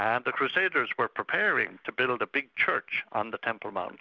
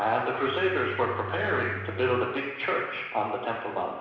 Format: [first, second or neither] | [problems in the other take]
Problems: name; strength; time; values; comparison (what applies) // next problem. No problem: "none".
first | background sound (Bowed string instrument); 12 dB below the speech // room echo; dies away in 1 s